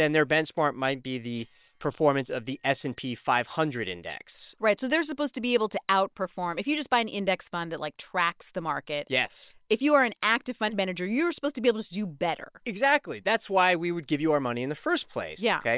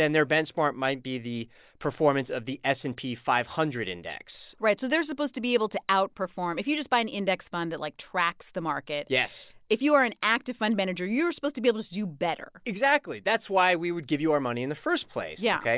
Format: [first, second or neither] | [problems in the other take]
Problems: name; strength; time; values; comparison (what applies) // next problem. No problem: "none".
second | noise reduction (neural separator model SepFormer WHAM!)